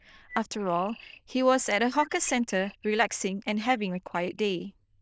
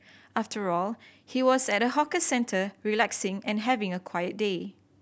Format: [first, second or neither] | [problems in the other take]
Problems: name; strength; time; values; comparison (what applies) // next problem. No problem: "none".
second | noise reduction (neural diffusion model UNIVERSE++)